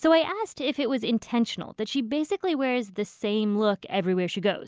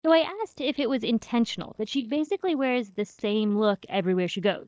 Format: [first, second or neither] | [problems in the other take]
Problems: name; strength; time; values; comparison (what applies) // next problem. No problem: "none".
first | noise reduction (neural mask model DeepFilterNet 3)